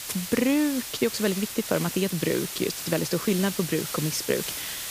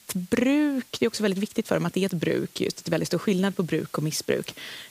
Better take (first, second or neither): second